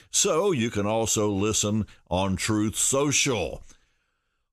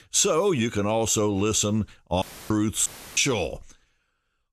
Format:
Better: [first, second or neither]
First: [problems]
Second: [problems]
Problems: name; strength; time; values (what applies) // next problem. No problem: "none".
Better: first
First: none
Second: audio cutting out; filled with static; at 2 s and at 3 s